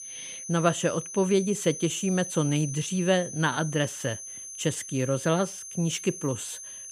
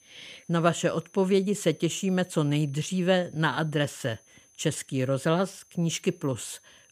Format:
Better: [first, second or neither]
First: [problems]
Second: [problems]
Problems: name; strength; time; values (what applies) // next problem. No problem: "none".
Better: second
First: high-pitched whine; loud; throughout; 6 kHz, 9 dB below the speech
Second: high-pitched whine; faint; throughout; 6 kHz, 30 dB below the speech